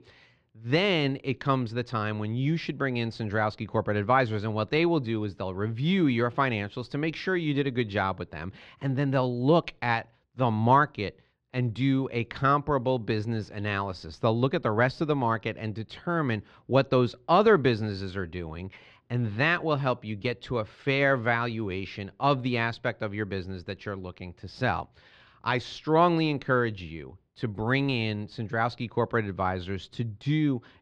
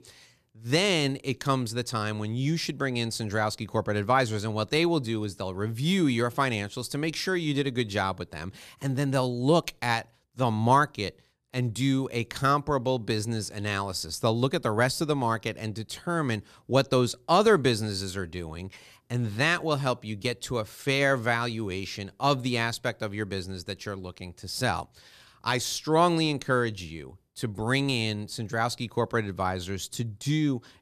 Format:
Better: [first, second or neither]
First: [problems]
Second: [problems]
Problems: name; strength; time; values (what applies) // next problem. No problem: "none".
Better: second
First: muffled; slightly; fading above 3 kHz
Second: none